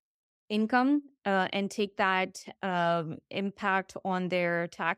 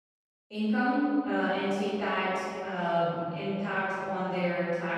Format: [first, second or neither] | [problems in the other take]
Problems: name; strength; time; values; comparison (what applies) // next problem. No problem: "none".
first | off-mic speech; far // room echo; strong; dies away in 2.3 s